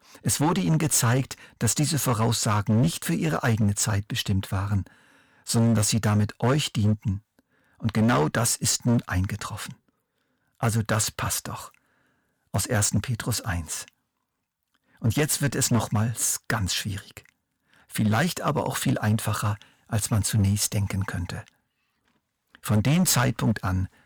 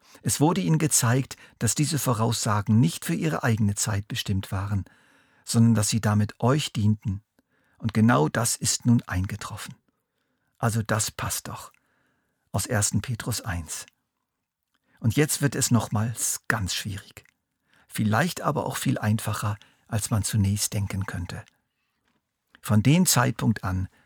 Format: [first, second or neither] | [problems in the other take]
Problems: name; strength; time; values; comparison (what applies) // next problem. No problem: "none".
second | distortion; slight; 6% of the sound clipped